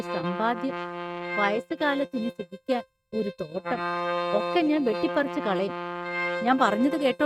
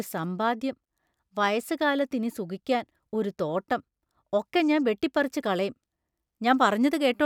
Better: second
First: noise reduction (neural mask model RNNoise)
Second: none

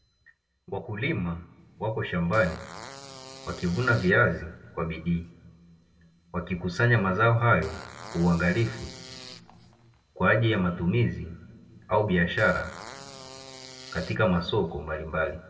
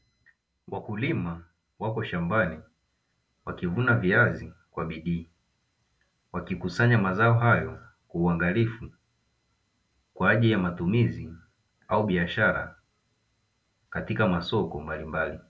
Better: second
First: background sound (Fart); 19 dB below the speech // room echo; dies away in 1 s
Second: none

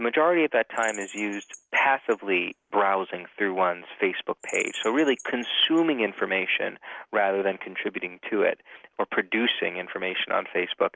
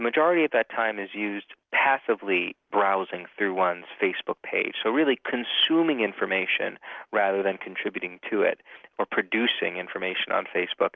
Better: second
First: background sound (Bird vocalization, bird call, bird song); 20 dB below the speech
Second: none

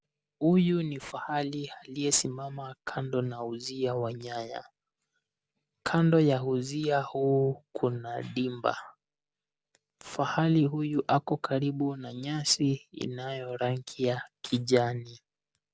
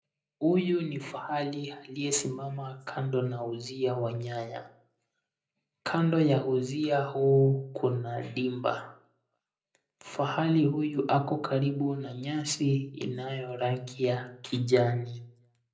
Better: first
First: none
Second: room echo; dies away in 0.5 s

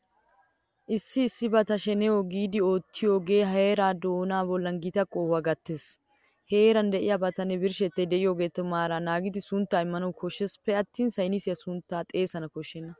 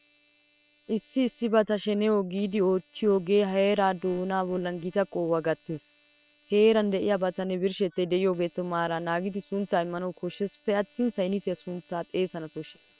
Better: first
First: none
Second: noise reduction (neural separator model SepFormer WHAM!)

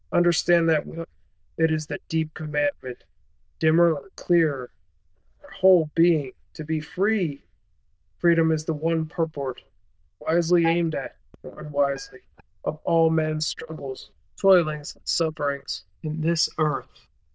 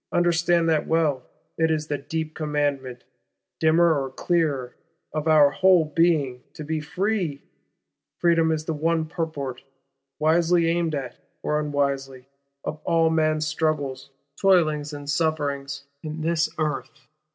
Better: second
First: noise reduction (neural diffusion model UNIVERSE++)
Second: none

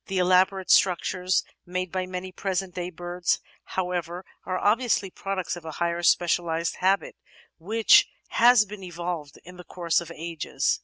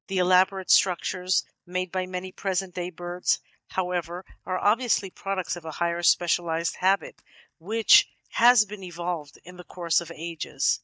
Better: first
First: none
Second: noise reduction (neural mask model DeepFilterNet 3)

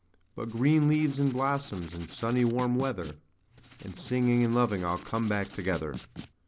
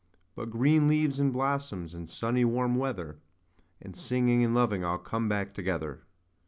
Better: second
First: background sound (Writing); 18 dB below the speech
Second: none

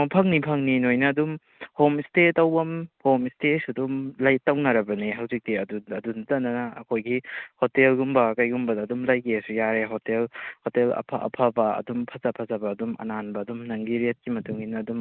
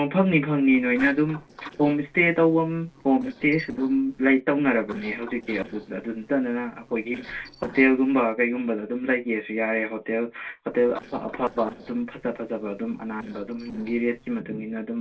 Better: first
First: none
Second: noise reduction (neural separator model SepFormer DNS4)

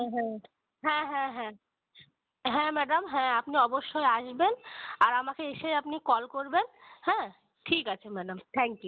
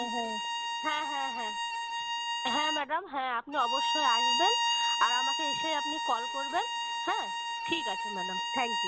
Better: first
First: none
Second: background sound (Bowed string instrument); 3 dB above the speech

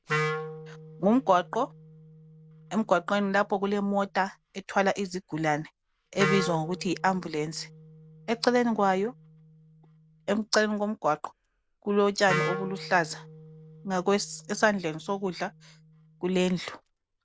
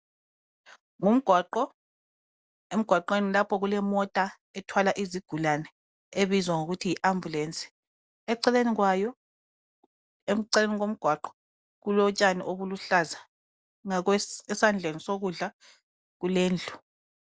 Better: second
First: background sound (Wind instrument, woodwind instrument); 10 dB below the speech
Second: none

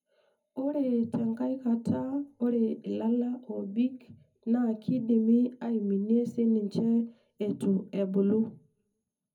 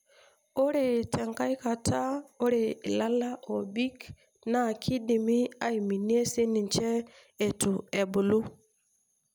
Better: second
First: room echo; dies away in 0.4 s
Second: none

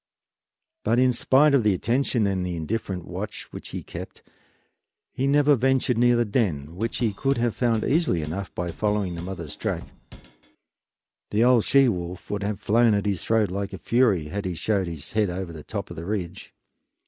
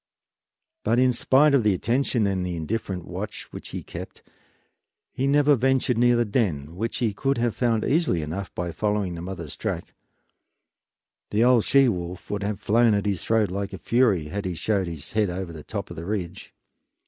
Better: second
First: background sound (Drum / Drum kit); 19 dB below the speech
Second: none

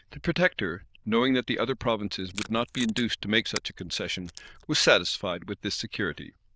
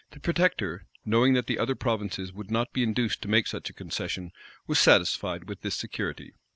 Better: second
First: noise reduction (neural diffusion model UNIVERSE++)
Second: none

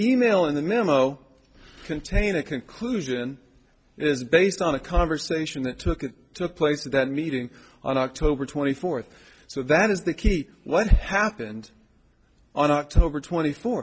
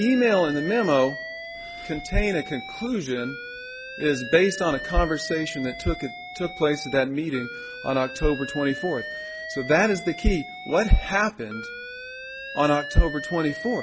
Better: first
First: none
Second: background sound (Alarm); 12 dB below the speech

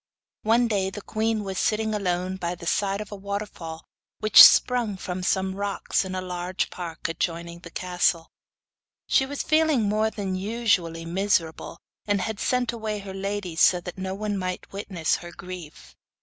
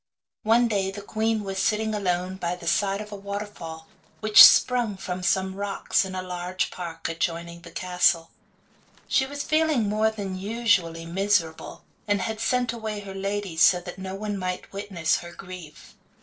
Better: first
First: none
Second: noise reduction (neural separator model SepFormer DNS4)

